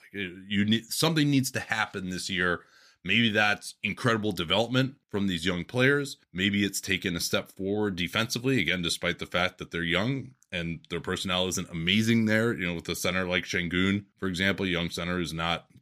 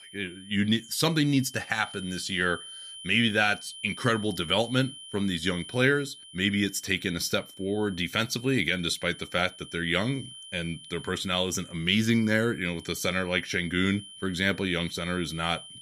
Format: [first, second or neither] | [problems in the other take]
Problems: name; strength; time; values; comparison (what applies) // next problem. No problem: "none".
first | high-pitched whine; noticeable; throughout; 3 kHz, 15 dB below the speech